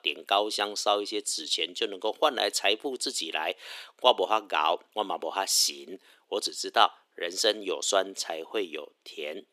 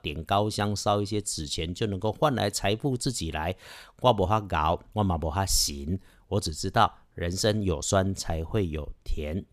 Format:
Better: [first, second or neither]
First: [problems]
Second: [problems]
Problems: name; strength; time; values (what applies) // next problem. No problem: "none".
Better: second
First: thin; very; fading below 350 Hz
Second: none